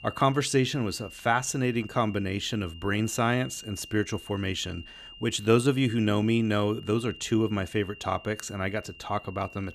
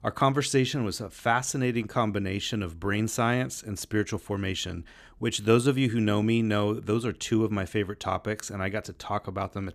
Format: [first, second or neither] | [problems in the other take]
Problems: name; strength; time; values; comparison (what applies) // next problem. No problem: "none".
second | high-pitched whine; noticeable; throughout; 3 kHz, 15 dB below the speech